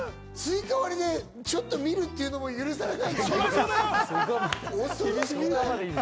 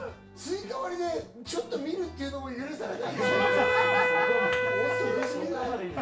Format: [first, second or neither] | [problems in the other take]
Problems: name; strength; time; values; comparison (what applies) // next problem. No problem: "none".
first | background sound (Wind instrument, woodwind instrument); 4 dB above the speech // room echo; dies away in 0.3 s